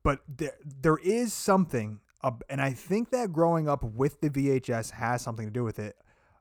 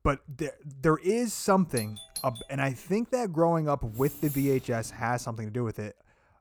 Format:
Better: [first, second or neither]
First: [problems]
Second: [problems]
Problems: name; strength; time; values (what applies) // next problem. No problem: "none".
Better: first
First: none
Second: doorbell; noticeable; at 2 s; peak 9 dB below the speech // jangling keys; noticeable; from 4 to 5 s; peak 9 dB below the speech